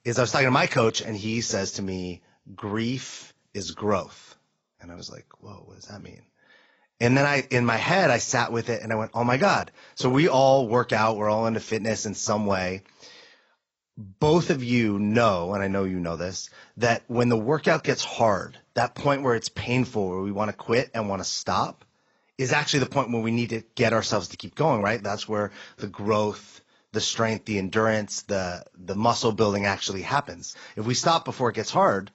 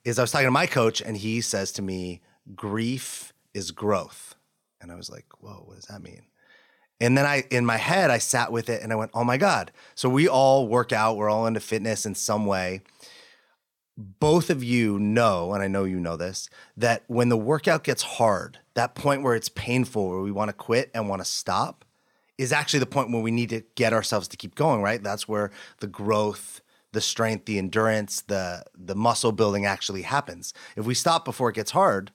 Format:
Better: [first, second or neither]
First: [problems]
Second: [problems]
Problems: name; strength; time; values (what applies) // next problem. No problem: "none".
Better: second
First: garbled, watery; badly; nothing above 7 kHz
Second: none